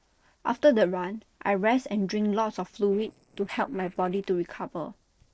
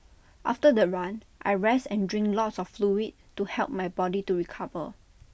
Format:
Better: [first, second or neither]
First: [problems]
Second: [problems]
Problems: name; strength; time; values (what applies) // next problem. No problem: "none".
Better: second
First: noise reduction (neural separator model SepFormer DNS4)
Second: none